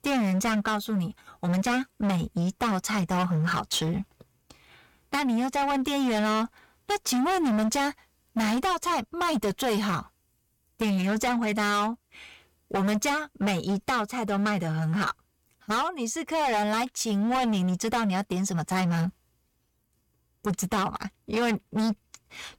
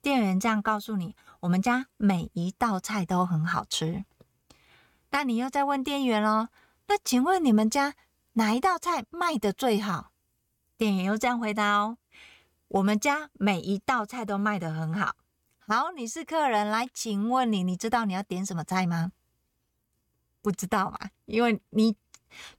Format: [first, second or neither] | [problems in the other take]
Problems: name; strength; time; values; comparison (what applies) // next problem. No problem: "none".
second | distortion; heavy; 20% of the sound clipped